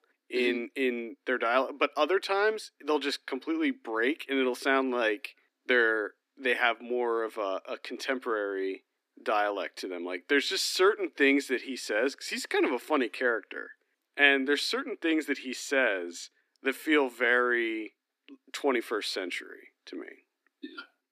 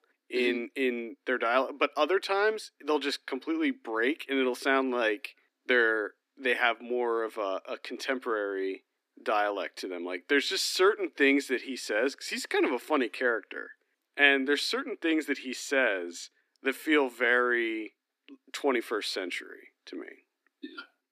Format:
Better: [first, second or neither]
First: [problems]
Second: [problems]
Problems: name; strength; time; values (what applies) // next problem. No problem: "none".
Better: neither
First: thin; very slightly; fading below 250 Hz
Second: thin; very slightly; fading below 250 Hz